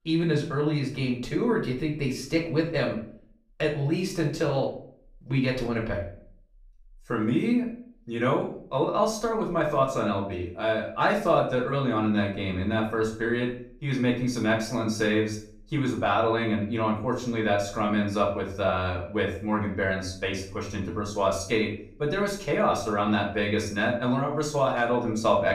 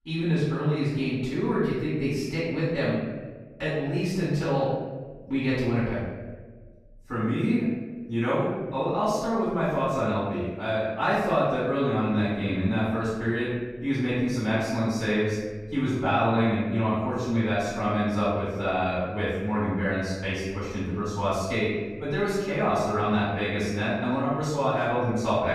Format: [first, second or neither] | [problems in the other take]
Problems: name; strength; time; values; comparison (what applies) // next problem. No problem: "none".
first | room echo; strong; dies away in 1.3 s; slight in the first // off-mic speech; far; far in the first